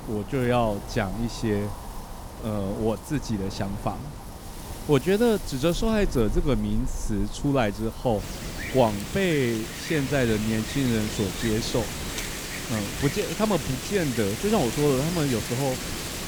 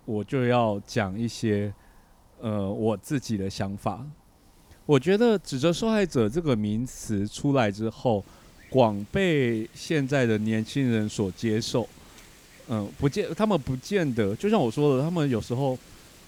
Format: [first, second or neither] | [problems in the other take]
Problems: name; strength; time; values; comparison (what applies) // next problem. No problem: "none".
second | wind in the background; loud; throughout; 8 dB below the speech; faint in the second